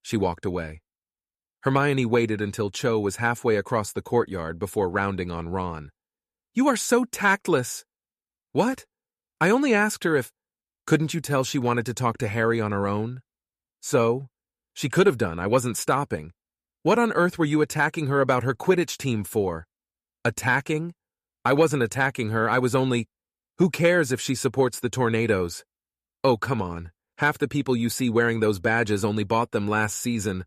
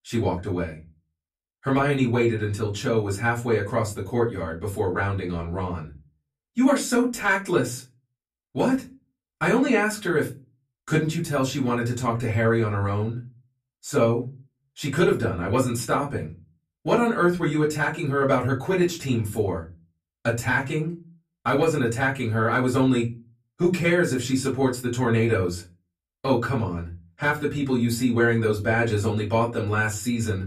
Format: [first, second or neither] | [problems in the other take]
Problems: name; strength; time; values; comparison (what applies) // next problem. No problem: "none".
first | off-mic speech; far // room echo; very slight; dies away in 0.3 s